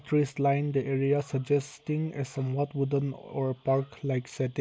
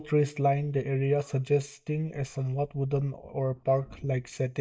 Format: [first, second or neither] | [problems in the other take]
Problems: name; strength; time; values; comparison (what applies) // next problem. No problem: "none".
first | noise reduction (neural mask model DeepFilterNet 3)